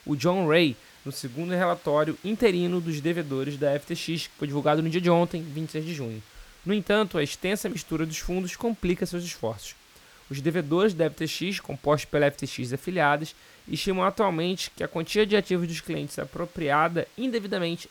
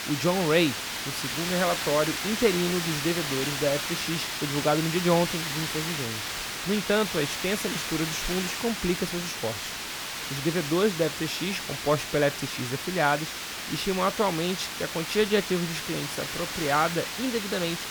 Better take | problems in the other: first | hiss; loud; throughout; 3 dB below the speech; faint in the first

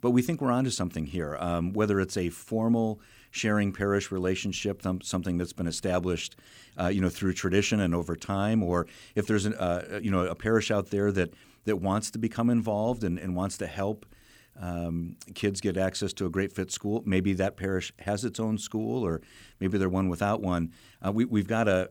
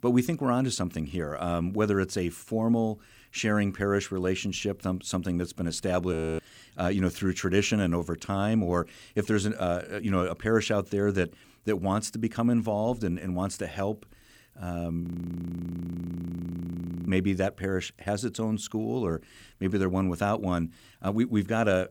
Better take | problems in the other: first | audio freezing; at 6 s and at 15 s for 2 s

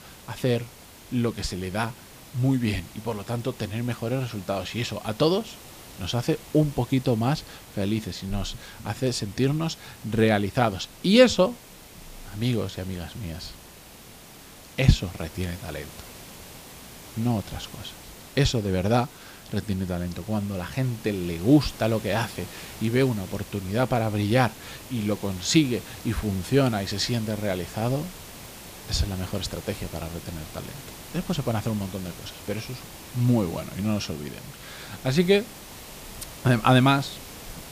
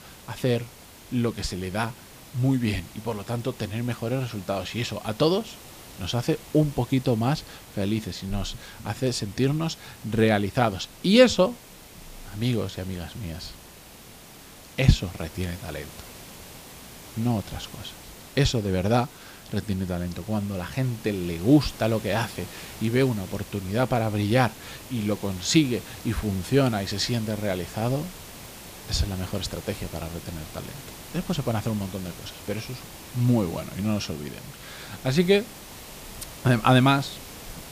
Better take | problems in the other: neither | hiss; noticeable; throughout; 15 dB below the speech; the same in both

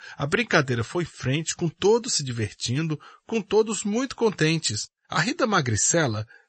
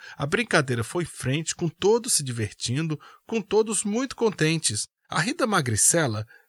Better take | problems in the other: second | garbled, watery; slightly; nothing above 8 kHz

